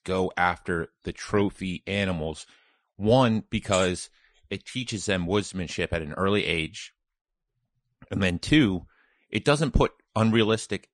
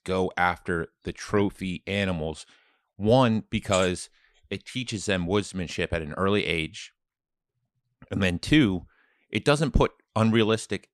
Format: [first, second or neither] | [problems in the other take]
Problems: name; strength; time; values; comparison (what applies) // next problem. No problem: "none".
second | garbled, watery; slightly